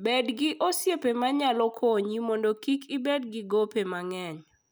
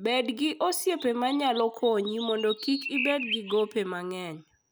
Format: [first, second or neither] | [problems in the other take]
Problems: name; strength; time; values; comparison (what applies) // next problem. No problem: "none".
first | background sound (Chirp, tweet); 9 dB below the speech